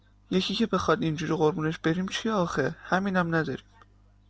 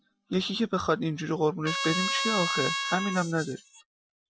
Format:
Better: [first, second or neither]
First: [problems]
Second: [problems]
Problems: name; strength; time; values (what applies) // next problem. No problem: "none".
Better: first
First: none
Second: noise reduction (classical method Wiener filter)